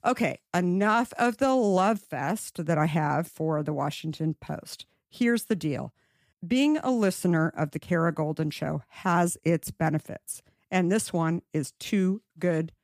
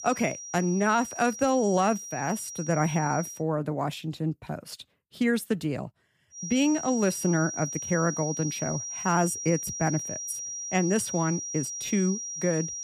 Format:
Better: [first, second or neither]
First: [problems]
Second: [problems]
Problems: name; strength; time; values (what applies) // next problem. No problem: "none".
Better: first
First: none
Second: high-pitched whine; loud; until 3.5 s and from 6.5 s on; 5.5 kHz, 6 dB below the speech